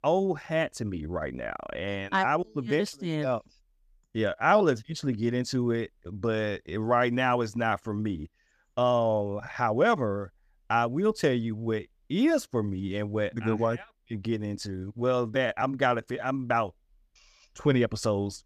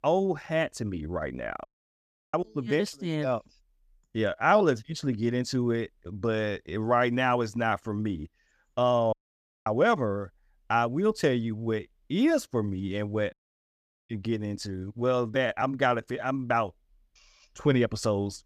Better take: first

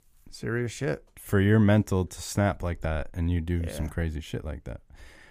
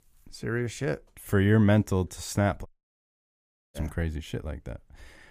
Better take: first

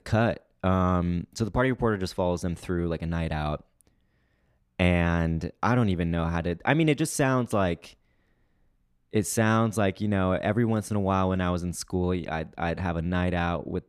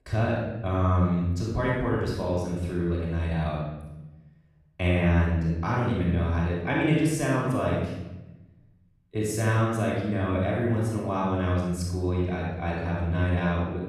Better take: first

